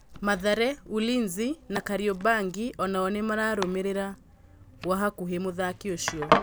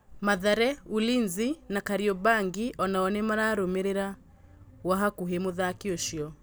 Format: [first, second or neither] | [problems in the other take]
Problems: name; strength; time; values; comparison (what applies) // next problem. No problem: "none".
second | background sound (Domestic sounds, home sounds); 7 dB below the speech